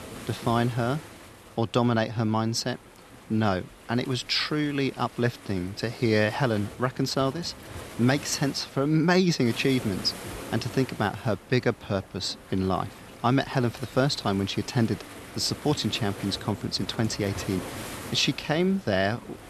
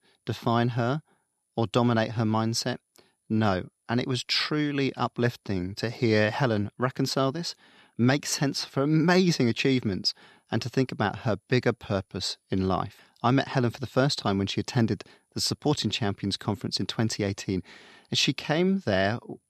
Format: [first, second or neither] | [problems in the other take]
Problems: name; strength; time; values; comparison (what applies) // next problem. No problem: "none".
second | rain or running water; noticeable; throughout; 15 dB below the speech